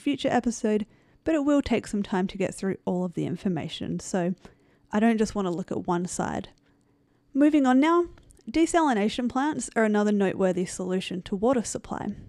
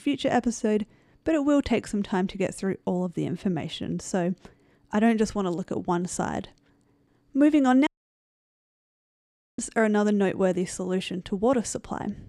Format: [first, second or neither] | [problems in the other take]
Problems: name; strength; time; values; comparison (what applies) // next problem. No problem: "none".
first | audio cutting out; at 8 s for 1.5 s